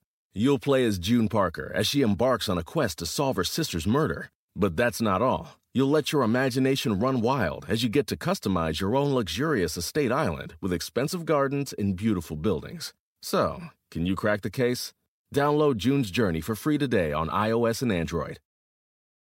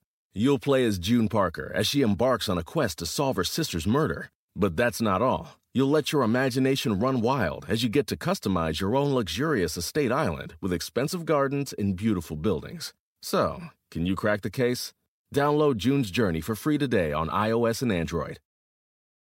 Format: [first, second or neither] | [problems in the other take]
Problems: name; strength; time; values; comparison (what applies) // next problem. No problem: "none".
neither | none